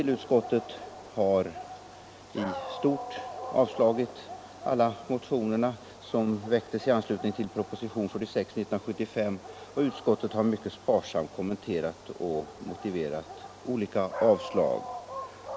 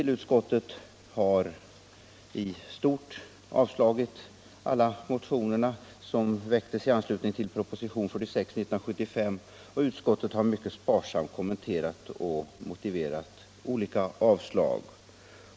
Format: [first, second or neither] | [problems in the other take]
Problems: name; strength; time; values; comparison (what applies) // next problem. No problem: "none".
second | background sound (Dog); 13 dB below the speech